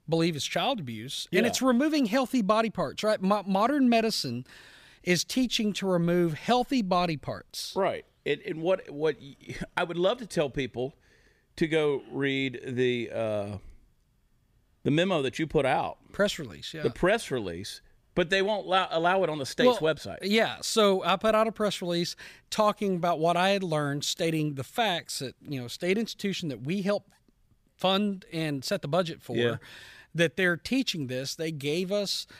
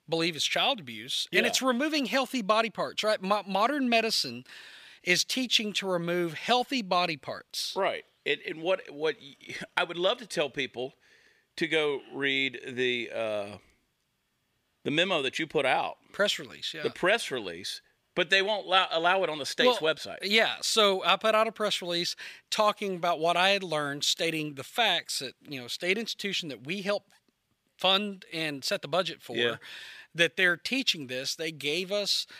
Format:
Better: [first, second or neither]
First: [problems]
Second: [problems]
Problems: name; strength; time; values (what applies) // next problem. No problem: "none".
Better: first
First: none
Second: thin; very slightly; fading below 850 Hz